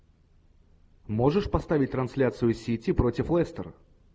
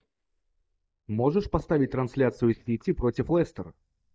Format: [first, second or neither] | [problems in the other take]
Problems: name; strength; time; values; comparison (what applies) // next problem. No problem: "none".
first | noise reduction (neural mask model DeepFilterNet 3)